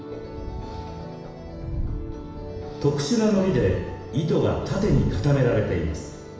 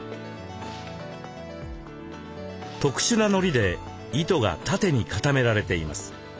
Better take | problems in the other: second | background sound (Wind); 10 dB below the speech // room echo; dies away in 1 s

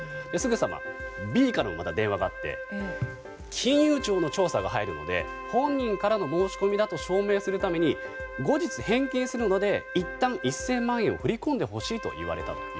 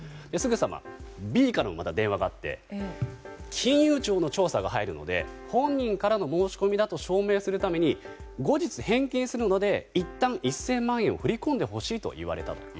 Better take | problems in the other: second | background sound (Wind instrument, woodwind instrument); 11 dB below the speech

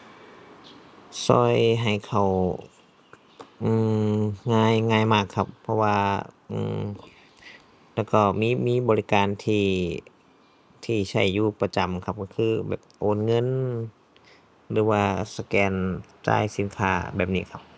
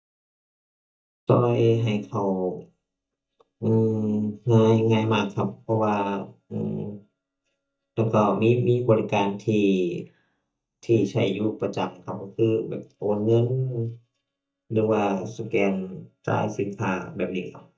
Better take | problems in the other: first | noise reduction (neural mask model DeepFilterNet 3)

